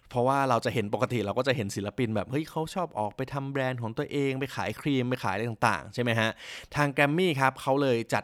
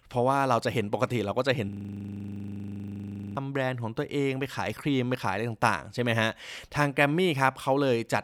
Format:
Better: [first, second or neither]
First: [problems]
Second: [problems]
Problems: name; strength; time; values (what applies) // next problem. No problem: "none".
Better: first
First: none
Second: audio freezing; at 1.5 s for 1.5 s